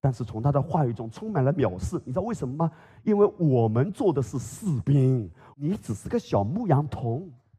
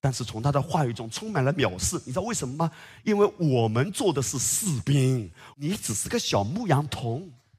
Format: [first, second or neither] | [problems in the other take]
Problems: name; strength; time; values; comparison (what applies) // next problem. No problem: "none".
second | muffled; very; fading above 1.5 kHz